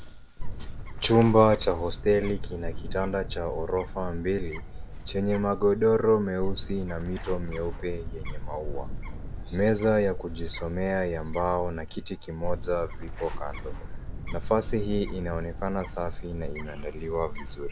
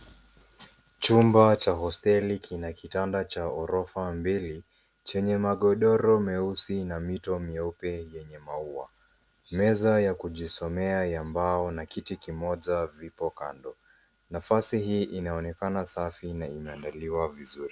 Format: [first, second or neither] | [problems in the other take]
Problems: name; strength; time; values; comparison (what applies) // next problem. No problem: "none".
second | background sound (Bird); 5 dB below the speech